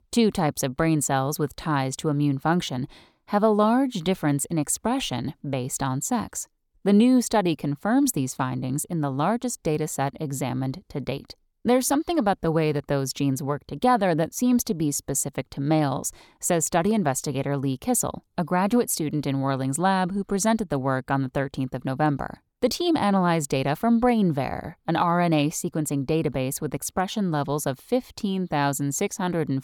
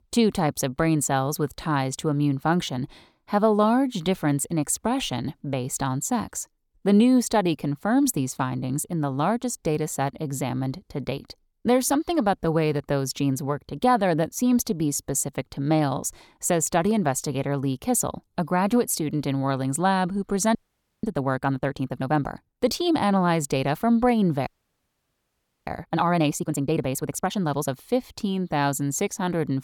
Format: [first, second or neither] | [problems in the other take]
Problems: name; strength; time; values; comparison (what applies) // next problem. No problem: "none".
first | audio freezing; at 21 s and at 24 s for 1 s